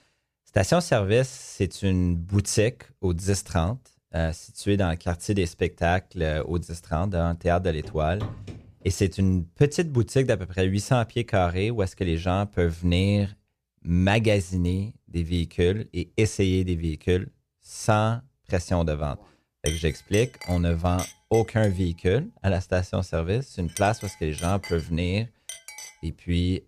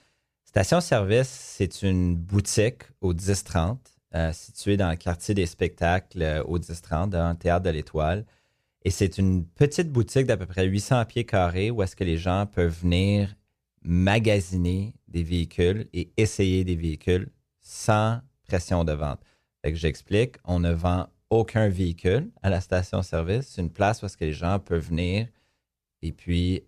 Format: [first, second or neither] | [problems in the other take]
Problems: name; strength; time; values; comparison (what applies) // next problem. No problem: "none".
second | footsteps; faint; at 8 s; peak 10 dB below the speech // clattering dishes; noticeable; from 20 to 26 s; peak 8 dB below the speech